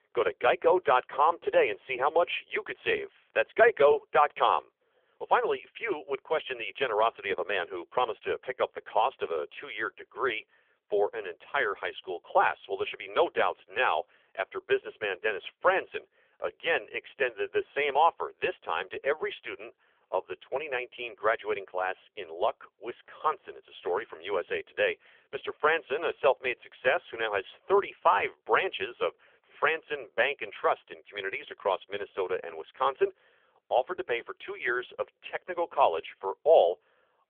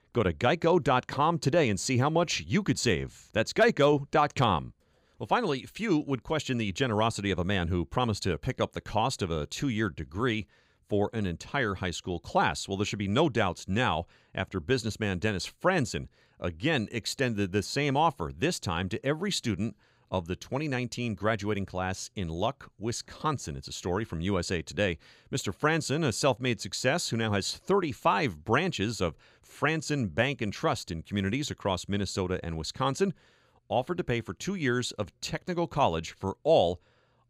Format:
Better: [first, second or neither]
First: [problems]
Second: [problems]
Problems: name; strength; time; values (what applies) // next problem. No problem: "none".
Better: second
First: phone-call audio; poor line; nothing above 3.5 kHz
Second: none